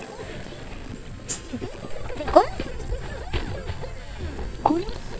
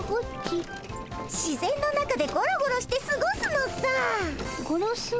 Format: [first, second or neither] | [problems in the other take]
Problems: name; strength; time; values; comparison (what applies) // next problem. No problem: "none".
second | noise reduction (neural mask model DeepFilterNet 3)